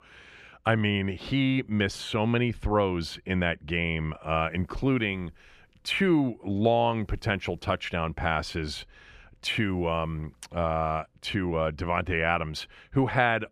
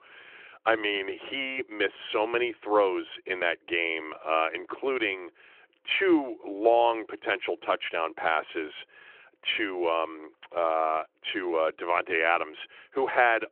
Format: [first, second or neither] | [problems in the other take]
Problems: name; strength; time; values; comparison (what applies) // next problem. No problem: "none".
first | phone-call audio